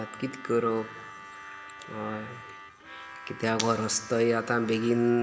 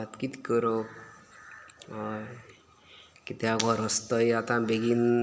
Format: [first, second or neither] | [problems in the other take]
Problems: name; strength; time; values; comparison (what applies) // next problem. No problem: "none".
second | background sound (Harmonica); 16 dB below the speech